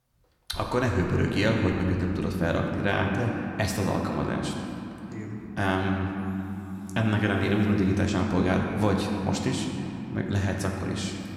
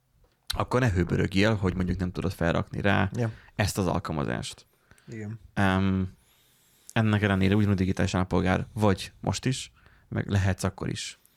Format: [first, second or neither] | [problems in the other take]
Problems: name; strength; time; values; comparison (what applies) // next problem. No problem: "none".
second | room echo; noticeable; dies away in 3 s